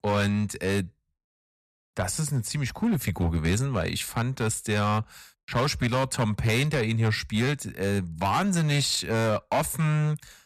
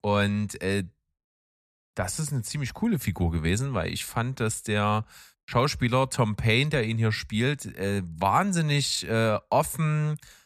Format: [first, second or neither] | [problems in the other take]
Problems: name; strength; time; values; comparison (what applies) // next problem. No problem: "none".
second | distortion; slight; 10% of the sound clipped